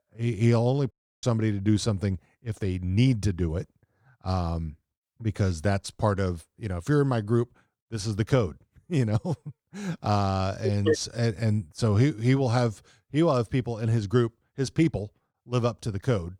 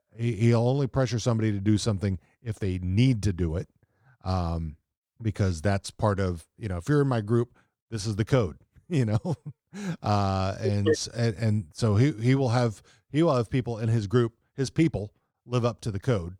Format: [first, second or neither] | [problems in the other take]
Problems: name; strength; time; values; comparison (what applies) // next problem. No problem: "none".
second | audio cutting out; at 1 s